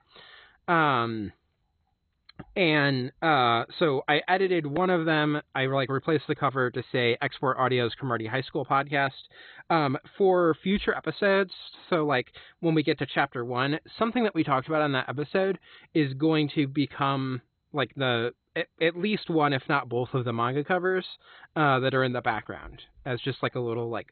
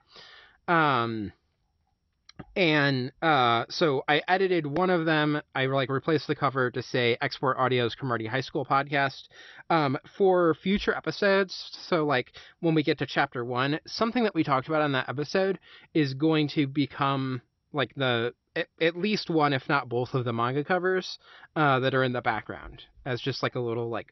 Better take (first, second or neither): second